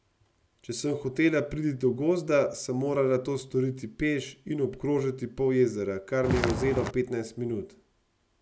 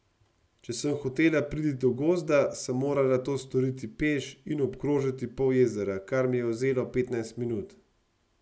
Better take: second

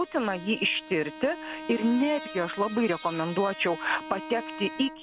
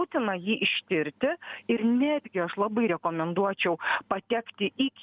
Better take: second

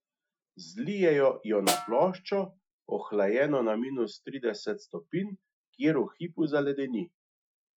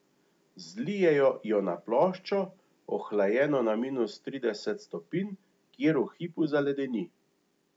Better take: second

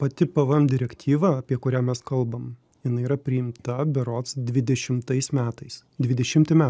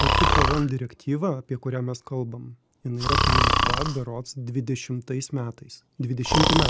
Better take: first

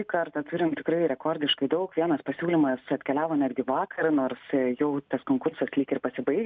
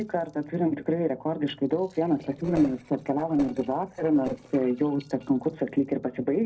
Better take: first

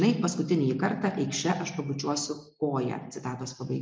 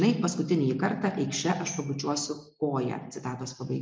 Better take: first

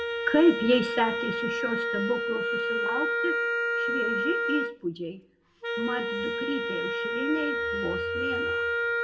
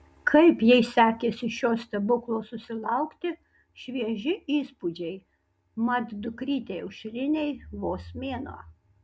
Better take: second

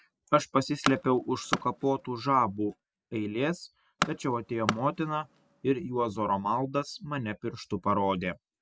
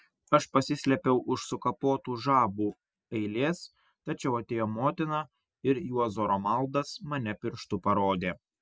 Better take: second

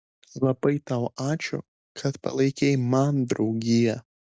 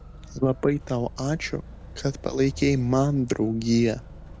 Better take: first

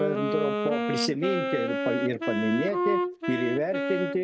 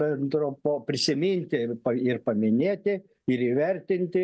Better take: second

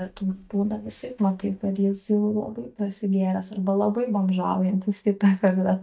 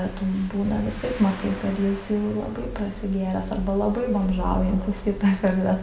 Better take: second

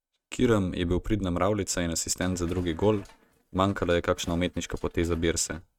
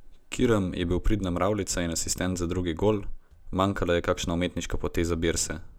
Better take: second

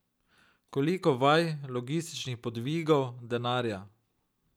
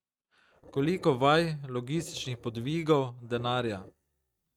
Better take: first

